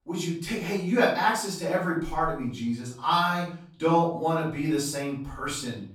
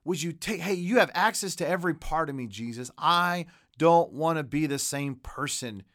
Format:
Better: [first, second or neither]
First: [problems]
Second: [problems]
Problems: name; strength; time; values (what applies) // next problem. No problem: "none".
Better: second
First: off-mic speech; far // room echo; noticeable; dies away in 0.5 s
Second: none